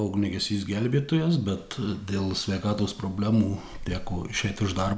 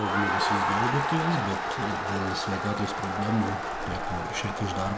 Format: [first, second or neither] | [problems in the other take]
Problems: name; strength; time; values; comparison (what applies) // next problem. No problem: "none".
first | background sound (Crowd); 1 dB above the speech